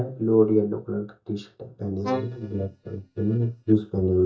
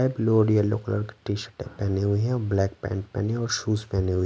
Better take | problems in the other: second | noise reduction (neural mask model DeepFilterNet 3)

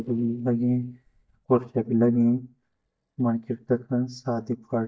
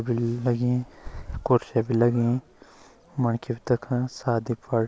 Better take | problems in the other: second | noise reduction (neural mask model DeepFilterNet 3)

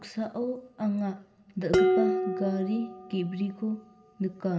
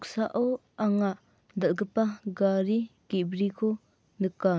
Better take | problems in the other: second | background sound (Dishes, pots, and pans); as loud as the speech // room echo; dies away in 1.2 s

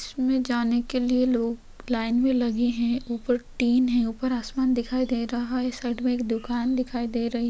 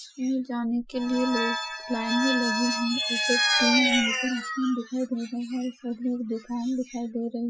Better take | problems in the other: first | noise reduction (classical method Wiener filter)

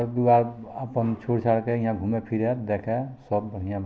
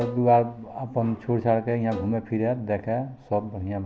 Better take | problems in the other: first | background sound (Bowed string instrument); 18 dB below the speech

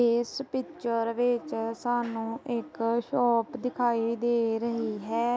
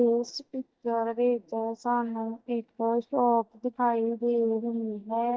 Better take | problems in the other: first | noise reduction (neural mask model DeepFilterNet 3)

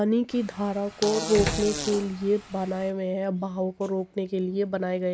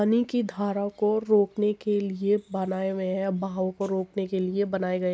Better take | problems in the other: second | background sound (Slam + Fart); 7 dB below the speech

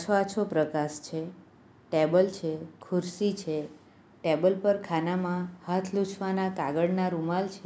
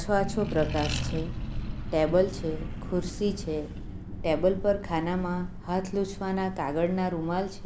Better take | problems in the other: first | background sound (Accelerating, revving, vroom); 6 dB below the speech

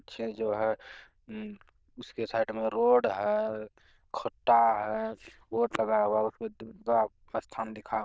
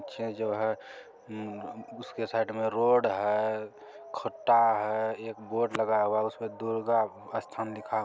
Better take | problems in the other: second | noise reduction (neural diffusion model UNIVERSE++)

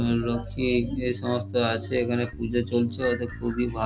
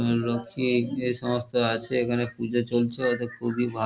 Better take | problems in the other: second | background sound (Bass guitar); 11 dB below the speech

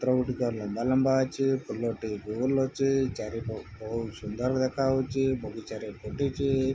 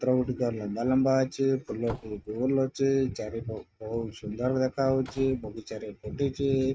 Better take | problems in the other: first | noise reduction (neural mask model RNNoise)

